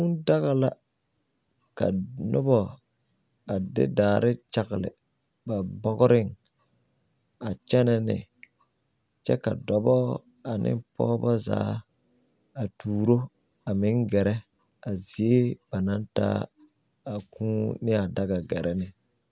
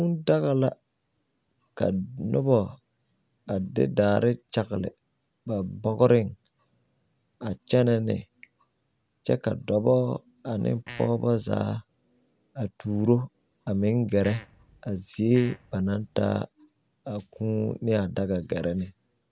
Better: first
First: none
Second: background sound (Fart); 19 dB below the speech

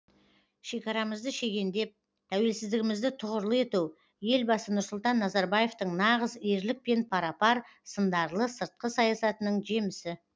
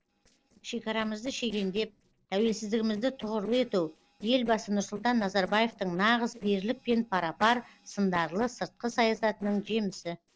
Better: first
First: none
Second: noise reduction (neural separator model SepFormer DNS4)

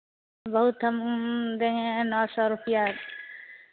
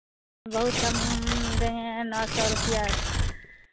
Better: first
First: none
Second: background sound (Tearing); 3 dB above the speech

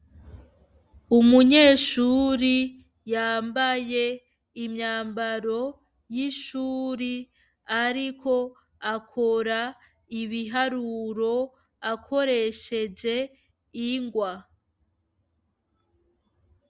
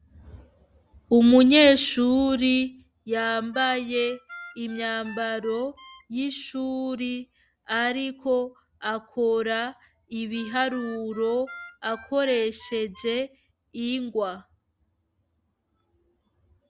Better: first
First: none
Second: background sound (Harmonica); 19 dB below the speech

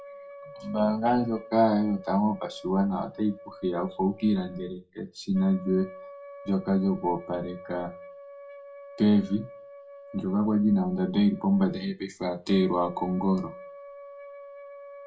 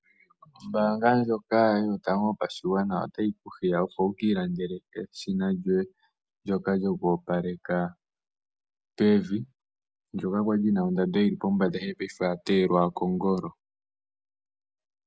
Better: second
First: background sound (Wind instrument, woodwind instrument); 18 dB below the speech // room echo; dies away in 0.2 s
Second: none

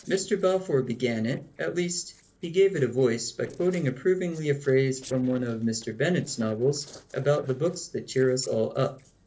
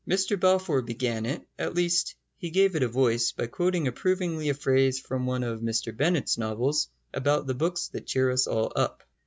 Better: second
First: noise reduction (neural separator model SepFormer DNS4)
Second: none

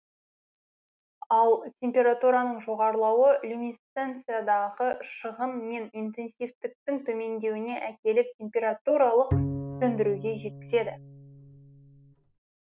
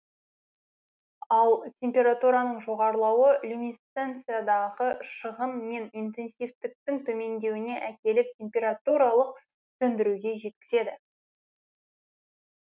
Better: second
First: background sound (Bowed string instrument); 7 dB below the speech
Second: none

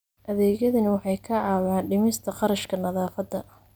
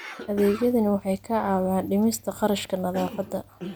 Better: first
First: none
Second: background sound (Cough); 16 dB below the speech

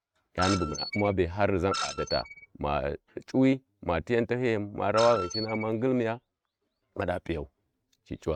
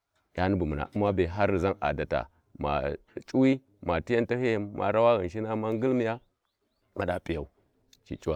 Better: second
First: noise reduction (neural mask model RNNoise)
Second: none

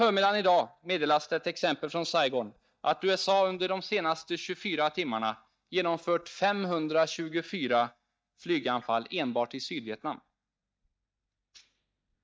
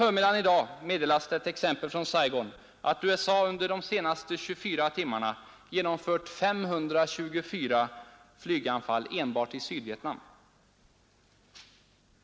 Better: second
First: noise reduction (neural mask model DeepFilterNet 3)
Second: none

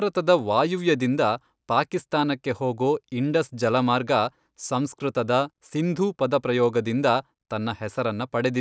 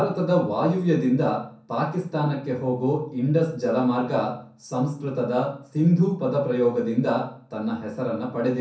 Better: first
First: none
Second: room echo; dies away in 0.5 s

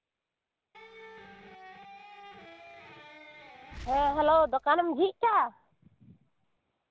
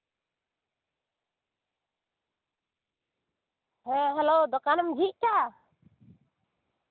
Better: second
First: background sound (Boom + Electric guitar); 18 dB below the speech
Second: none

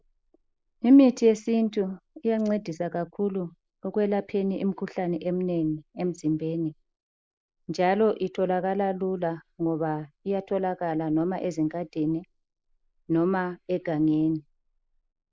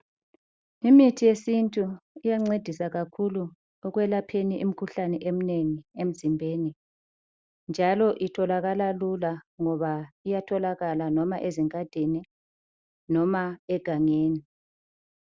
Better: second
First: noise reduction (neural mask model Resemble Enhance denoiser)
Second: none

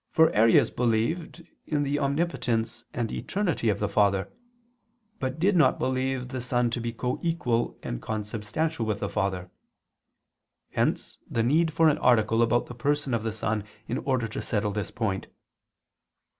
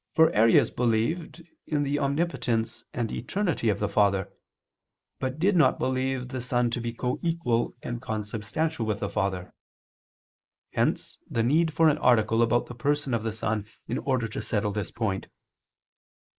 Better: first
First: none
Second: noise reduction (neural mask model Resemble Enhance denoiser)

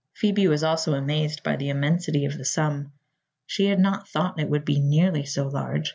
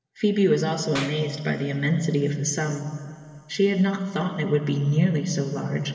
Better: first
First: none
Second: background sound (Clapping); 19 dB below the speech // room echo; dies away in 2.9 s

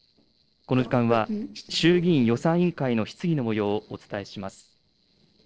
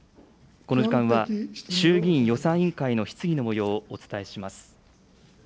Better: second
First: noise reduction (neural separator model SepFormer DNS4)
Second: none

